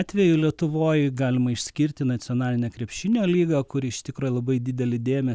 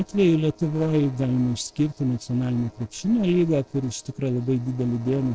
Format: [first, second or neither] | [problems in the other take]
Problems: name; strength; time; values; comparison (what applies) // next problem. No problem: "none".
first | noise reduction (neural separator model SepFormer DNS4)